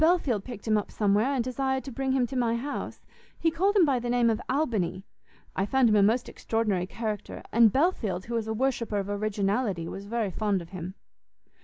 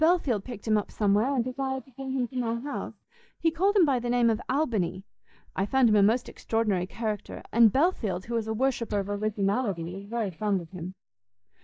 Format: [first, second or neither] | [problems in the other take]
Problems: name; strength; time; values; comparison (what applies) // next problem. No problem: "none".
first | noise reduction (neural mask model DeepFilterNet 3)